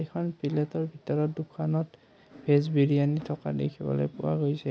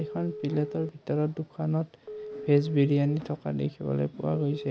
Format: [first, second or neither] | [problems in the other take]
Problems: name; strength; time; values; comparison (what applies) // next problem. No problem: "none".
first | background sound (Telephone); 14 dB below the speech